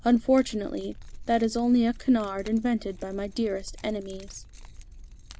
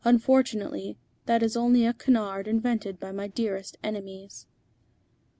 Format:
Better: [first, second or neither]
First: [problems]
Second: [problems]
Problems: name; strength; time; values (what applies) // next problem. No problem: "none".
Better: second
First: background sound (Keys jangling); 17 dB below the speech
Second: none